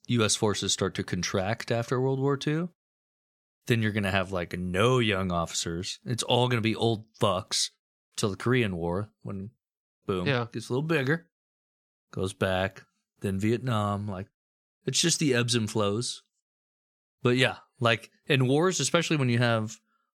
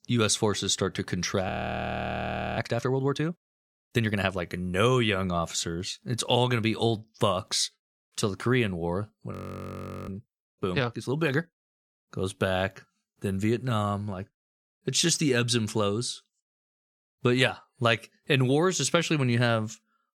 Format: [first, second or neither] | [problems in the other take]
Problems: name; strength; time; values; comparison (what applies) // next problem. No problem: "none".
first | audio freezing; at 1.5 s for 1 s and at 9.5 s for 1 s